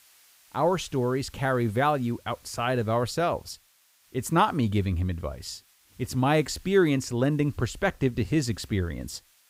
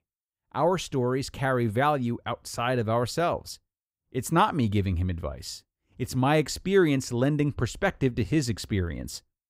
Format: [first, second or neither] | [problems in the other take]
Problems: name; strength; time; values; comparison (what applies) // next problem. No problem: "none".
second | hiss; faint; throughout; 30 dB below the speech